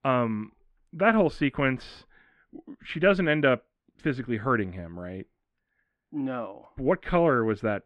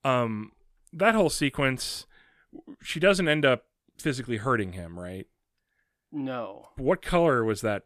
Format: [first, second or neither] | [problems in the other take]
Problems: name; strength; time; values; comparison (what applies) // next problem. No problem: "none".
second | muffled; slightly; fading above 2 kHz